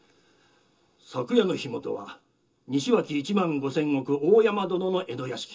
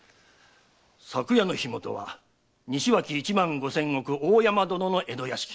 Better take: second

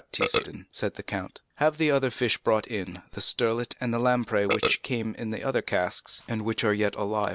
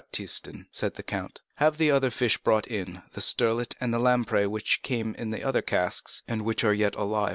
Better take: second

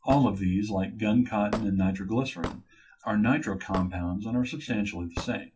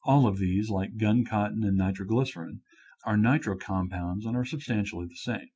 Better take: second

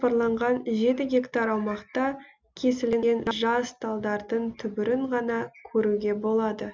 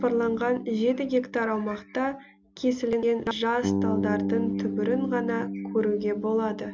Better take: first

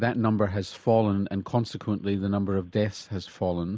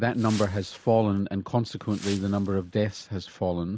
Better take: first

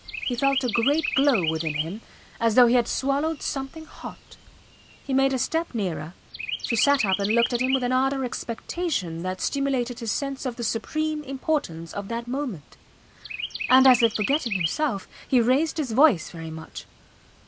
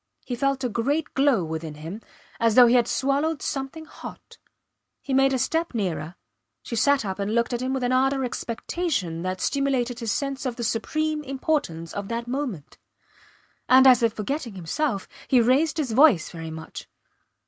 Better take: second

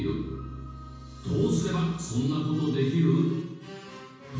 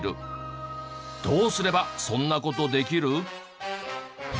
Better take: second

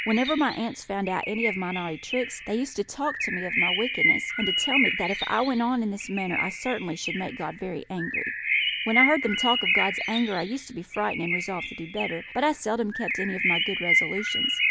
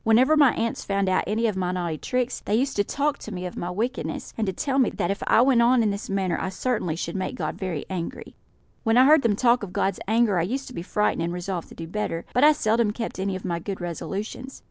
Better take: second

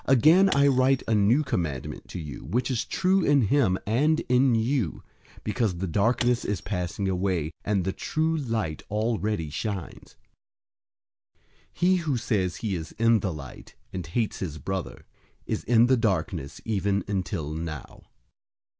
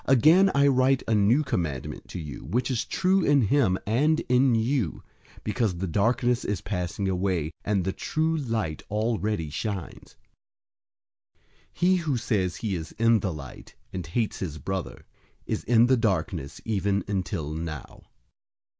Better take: second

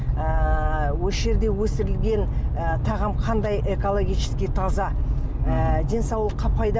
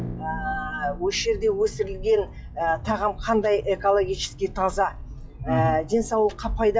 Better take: first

